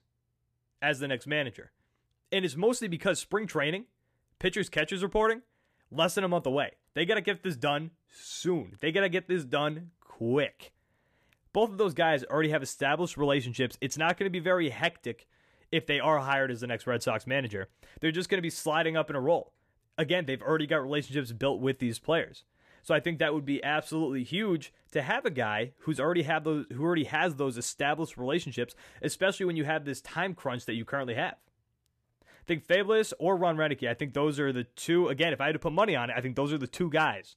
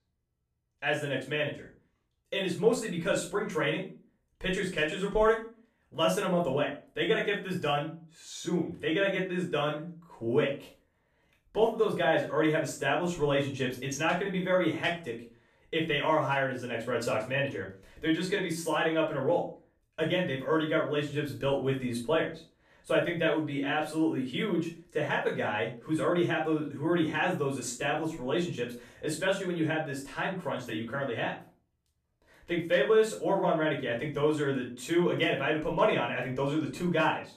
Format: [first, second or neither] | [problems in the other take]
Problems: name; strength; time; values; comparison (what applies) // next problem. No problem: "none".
first | off-mic speech; far // room echo; slight; dies away in 0.3 s